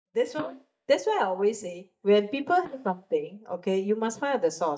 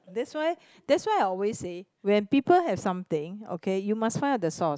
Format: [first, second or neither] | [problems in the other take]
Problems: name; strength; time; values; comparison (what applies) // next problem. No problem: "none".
second | noise reduction (neural mask model DeepFilterNet 3)